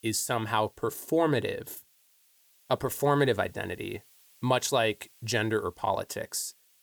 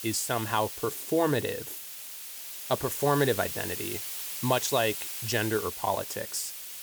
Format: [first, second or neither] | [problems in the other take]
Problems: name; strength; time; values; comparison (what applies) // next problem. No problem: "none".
first | hiss; loud; throughout; 6 dB below the speech; faint in the first